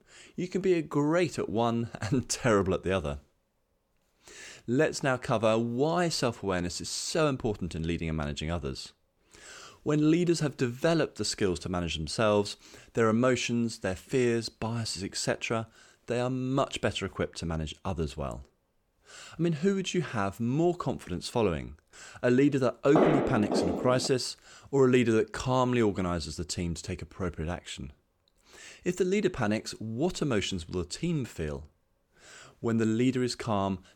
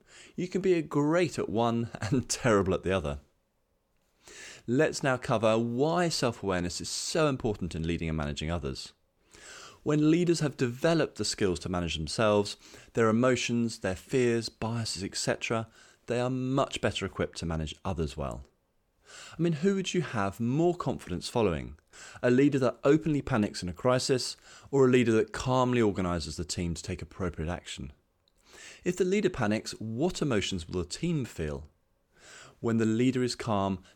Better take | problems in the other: second | footsteps; loud; from 23 to 24 s; peak 4 dB above the speech

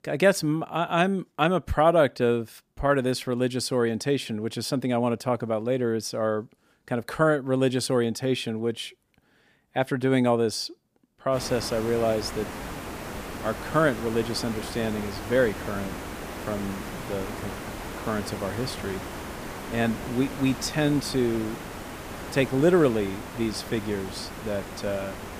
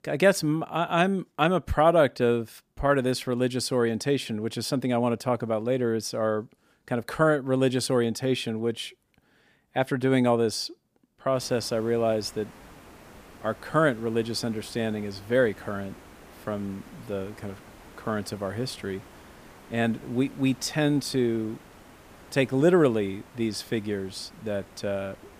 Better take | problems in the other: second | hiss; loud; from 11 s on; 10 dB below the speech; faint in the second

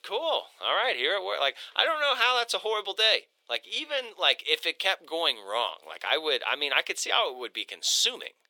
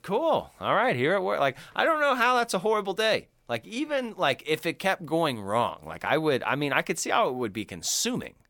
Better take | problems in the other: second | thin; very; fading below 450 Hz

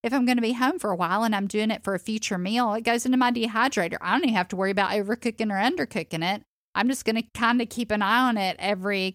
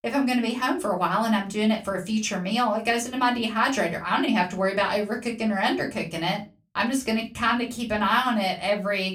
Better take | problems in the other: first | off-mic speech; far // room echo; very slight; dies away in 0.2 s

